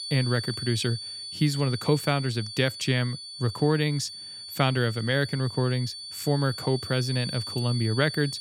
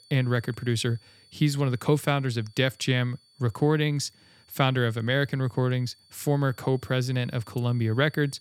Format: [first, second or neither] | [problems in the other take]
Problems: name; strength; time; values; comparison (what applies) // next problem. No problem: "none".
second | high-pitched whine; loud; throughout; 4.5 kHz, 8 dB below the speech; faint in the second